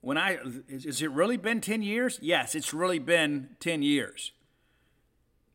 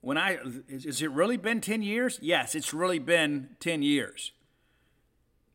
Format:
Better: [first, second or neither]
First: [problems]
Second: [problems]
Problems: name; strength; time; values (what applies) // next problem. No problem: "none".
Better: neither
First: none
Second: none